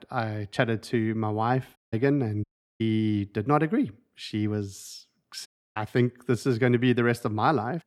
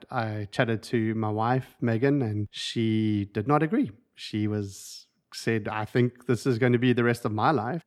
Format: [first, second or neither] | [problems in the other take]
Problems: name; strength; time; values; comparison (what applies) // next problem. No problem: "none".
second | audio cutting out; at 2 s, at 2.5 s and at 5.5 s